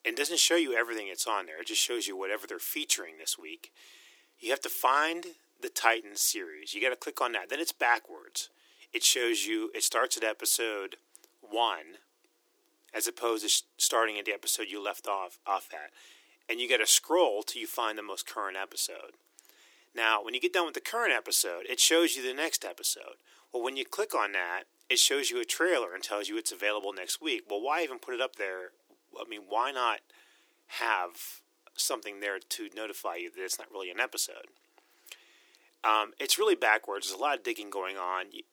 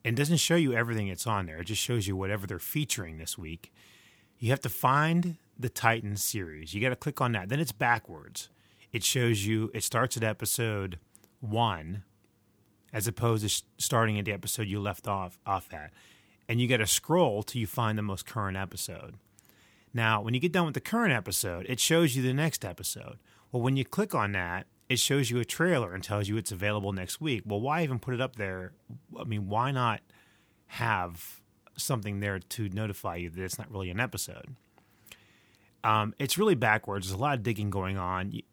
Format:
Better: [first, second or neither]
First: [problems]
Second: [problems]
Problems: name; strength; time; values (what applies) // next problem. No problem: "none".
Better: second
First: thin; very; fading below 300 Hz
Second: none